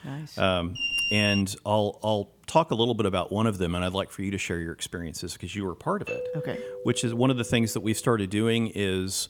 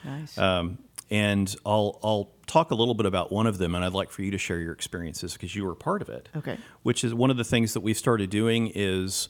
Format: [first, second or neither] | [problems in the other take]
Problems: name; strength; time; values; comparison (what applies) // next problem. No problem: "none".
second | alarm; loud; at 1 s; peak 3 dB above the speech // doorbell; noticeable; from 6 to 8 s; peak 5 dB below the speech